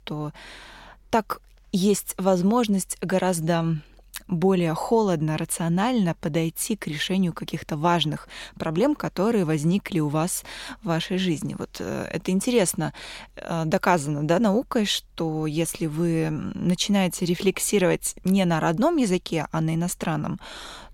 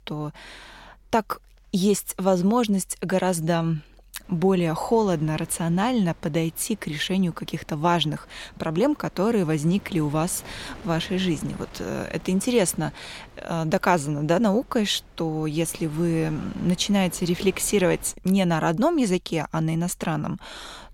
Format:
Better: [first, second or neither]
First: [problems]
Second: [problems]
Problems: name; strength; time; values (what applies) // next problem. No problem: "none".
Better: first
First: none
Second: wind noise on the microphone; occasional gusts; from 4 to 18 s; 25 dB below the speech